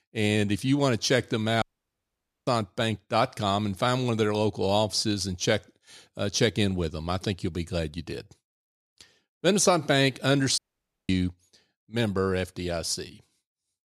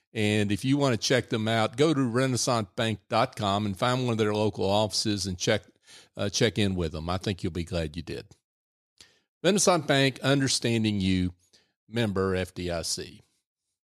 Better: second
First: audio cutting out; at 1.5 s for 1 s and at 11 s for 0.5 s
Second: none

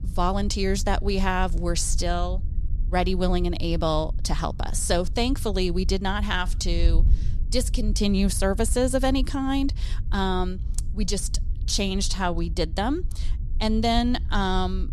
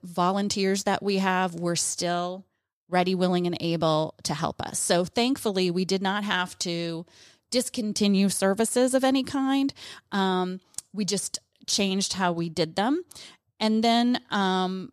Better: second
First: wind noise on the microphone; occasional gusts; 20 dB below the speech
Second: none

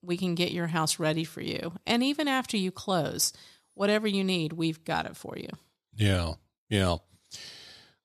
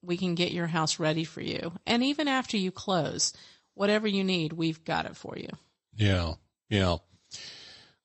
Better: first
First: none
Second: garbled, watery; slightly; nothing above 8 kHz

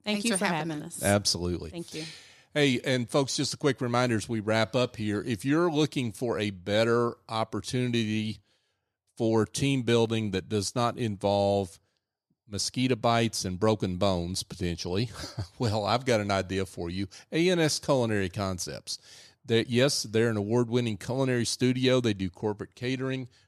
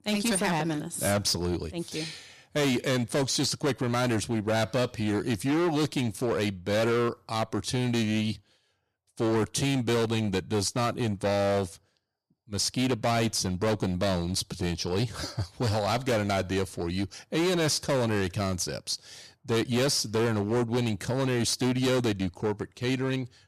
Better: first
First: none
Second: distortion; heavy; 17% of the sound clipped

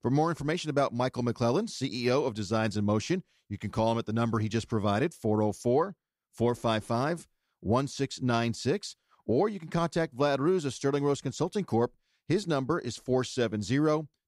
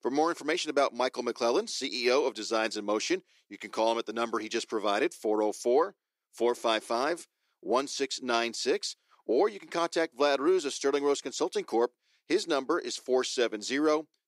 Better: first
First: none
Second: thin; somewhat; fading below 350 Hz

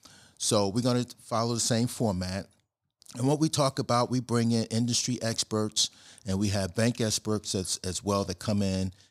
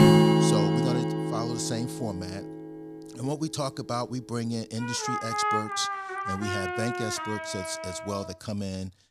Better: first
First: none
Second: background music; very loud; throughout; 5 dB above the speech

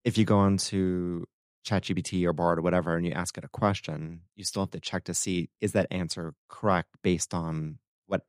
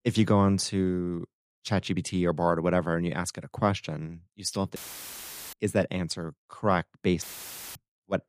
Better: first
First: none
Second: audio cutting out; filled with static; at 5 s for 1 s and at 7 s for 0.5 s

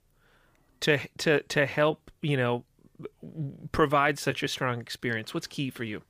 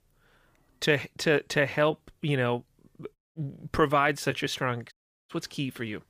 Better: first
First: none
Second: audio cutting out; at 3 s and at 5 s

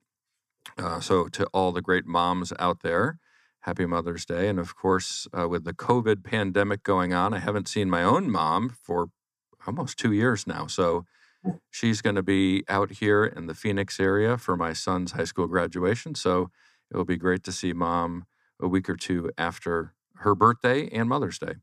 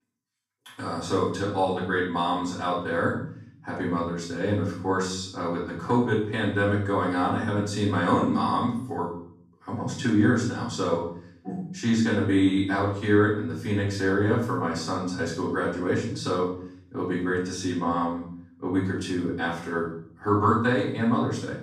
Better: first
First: none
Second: off-mic speech; far // room echo; noticeable; dies away in 0.6 s

